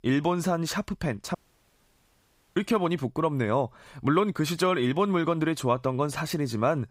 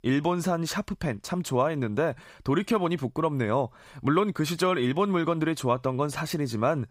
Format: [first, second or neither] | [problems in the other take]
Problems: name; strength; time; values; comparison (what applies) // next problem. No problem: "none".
second | audio cutting out; at 1.5 s for 1 s